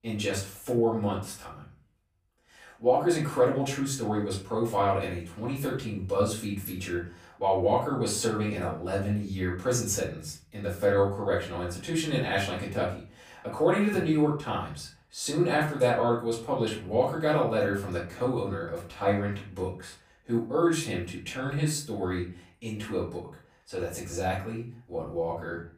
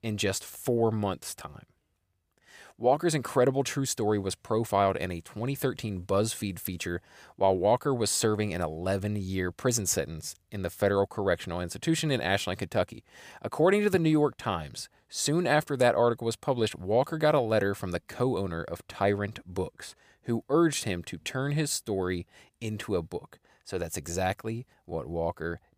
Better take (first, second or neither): second